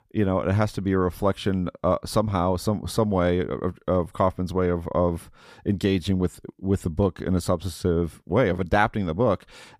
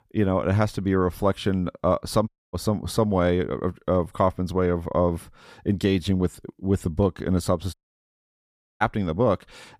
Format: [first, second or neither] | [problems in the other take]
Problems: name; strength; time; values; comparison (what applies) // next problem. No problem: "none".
first | audio cutting out; at 2.5 s and at 7.5 s for 1 s